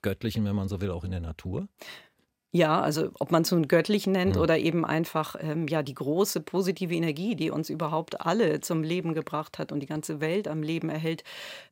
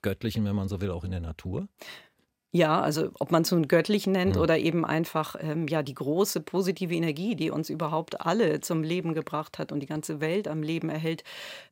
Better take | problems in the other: neither | none

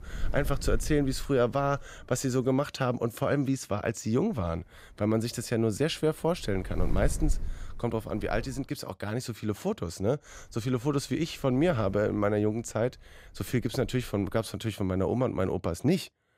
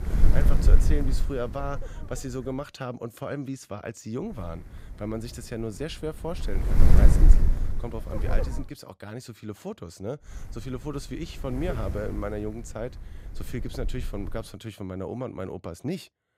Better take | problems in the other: first | wind noise on the microphone; heavy; until 2.5 s, from 4.5 to 8.5 s and from 10 to 14 s; 3 dB below the speech; occasional gusts in the first

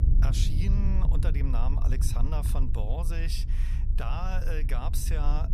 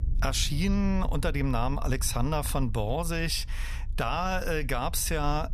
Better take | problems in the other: second | low rumble; loud; throughout; 7 dB below the speech; faint in the second

